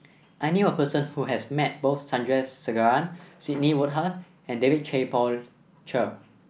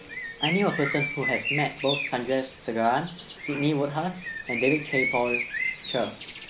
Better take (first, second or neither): first